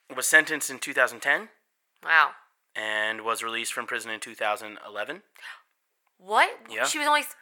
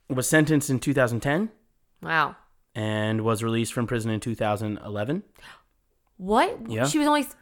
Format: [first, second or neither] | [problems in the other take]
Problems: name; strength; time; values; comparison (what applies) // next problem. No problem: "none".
second | thin; very; fading below 750 Hz